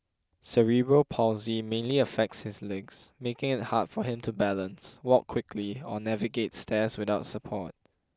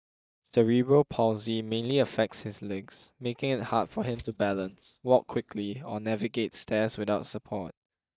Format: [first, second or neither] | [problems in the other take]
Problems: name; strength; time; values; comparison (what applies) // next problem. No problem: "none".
first | noise reduction (neural mask model DeepFilterNet 3)